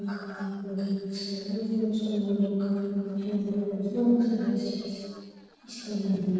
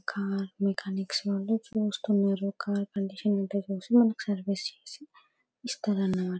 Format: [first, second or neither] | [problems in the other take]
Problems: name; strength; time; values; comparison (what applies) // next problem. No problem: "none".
second | noise reduction (neural separator model SepFormer DNS4)